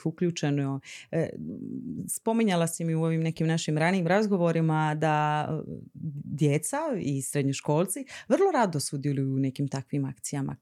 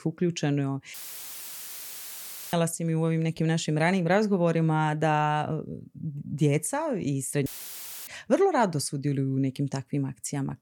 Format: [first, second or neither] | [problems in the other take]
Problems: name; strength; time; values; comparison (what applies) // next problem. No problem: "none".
first | audio cutting out; filled with static; at 1 s for 1.5 s and at 7.5 s for 0.5 s